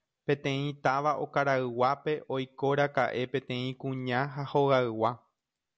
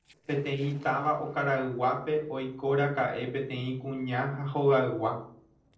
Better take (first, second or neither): first